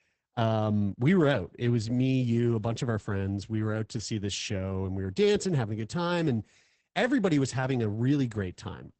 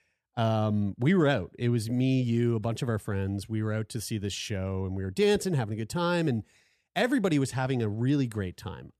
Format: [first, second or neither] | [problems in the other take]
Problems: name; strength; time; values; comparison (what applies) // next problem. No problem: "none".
second | garbled, watery; badly; nothing above 8 kHz